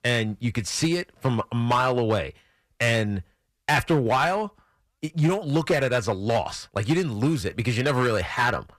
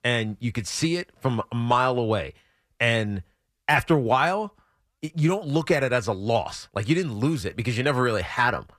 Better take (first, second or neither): second